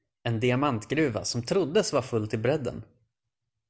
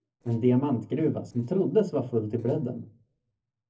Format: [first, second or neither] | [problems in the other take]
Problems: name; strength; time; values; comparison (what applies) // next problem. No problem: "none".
first | noise reduction (neural separator model SepFormer DNS4)